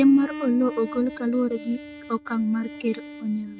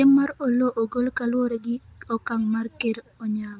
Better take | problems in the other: second | noise reduction (neural mask model RNNoise)

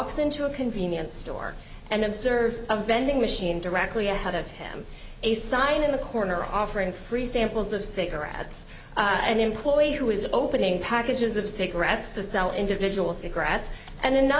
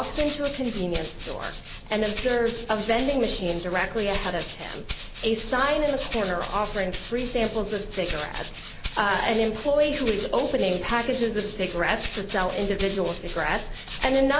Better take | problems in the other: first | background sound (Rattle (instrument)); 12 dB below the speech

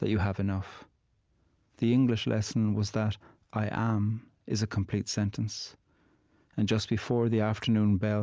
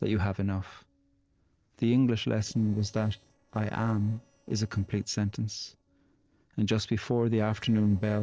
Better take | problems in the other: first | noise reduction (neural separator model SepFormer DNS4)

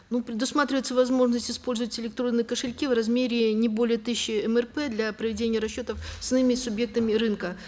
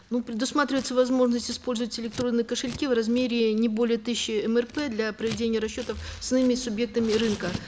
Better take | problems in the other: first | background sound (Scissors); 18 dB below the speech

